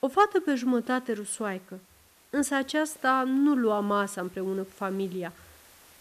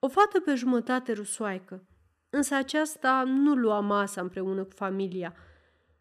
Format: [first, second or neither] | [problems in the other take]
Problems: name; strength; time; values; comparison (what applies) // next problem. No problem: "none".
second | hiss; faint; throughout; 25 dB below the speech